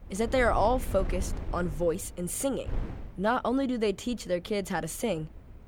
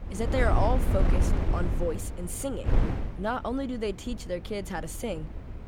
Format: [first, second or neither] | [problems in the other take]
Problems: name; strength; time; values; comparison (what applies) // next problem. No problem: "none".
first | wind noise on the microphone; heavy; 5 dB below the speech; occasional gusts in the first